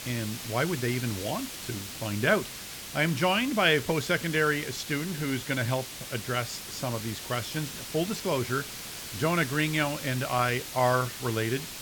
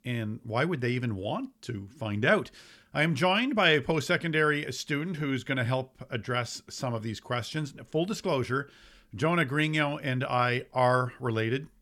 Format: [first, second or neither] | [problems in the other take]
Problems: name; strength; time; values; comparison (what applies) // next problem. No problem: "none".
second | hiss; loud; throughout; 8 dB below the speech